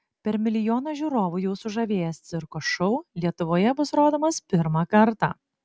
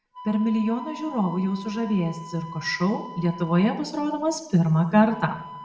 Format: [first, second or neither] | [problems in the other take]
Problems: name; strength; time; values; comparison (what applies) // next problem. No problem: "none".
first | background sound (Wind instrument, woodwind instrument); 17 dB below the speech // room echo; dies away in 0.8 s